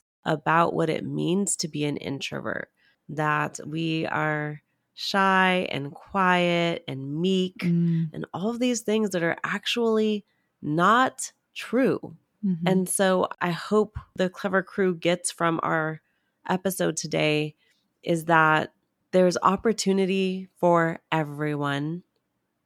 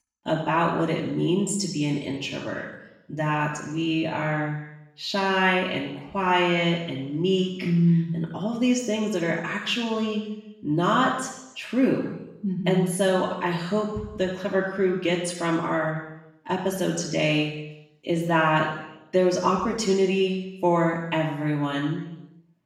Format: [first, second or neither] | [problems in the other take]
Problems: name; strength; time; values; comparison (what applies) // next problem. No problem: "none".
first | room echo; noticeable; dies away in 0.9 s // off-mic speech; far